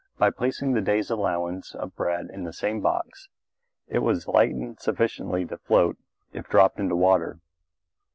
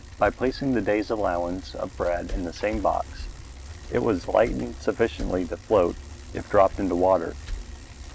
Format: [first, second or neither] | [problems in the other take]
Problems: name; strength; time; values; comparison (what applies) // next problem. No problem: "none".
first | background sound (Bicycle); 12 dB below the speech